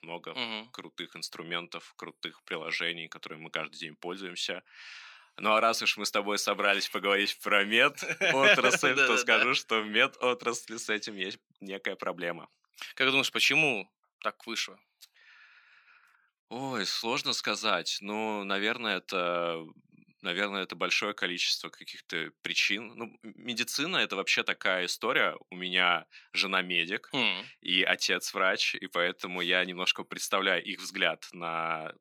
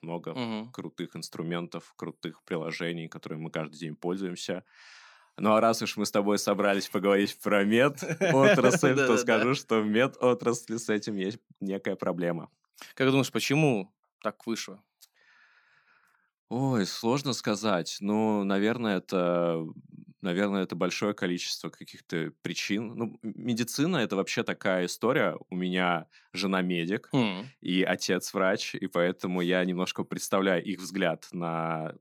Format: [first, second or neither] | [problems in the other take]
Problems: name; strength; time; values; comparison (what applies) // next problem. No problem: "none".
second | thin; somewhat; fading below 600 Hz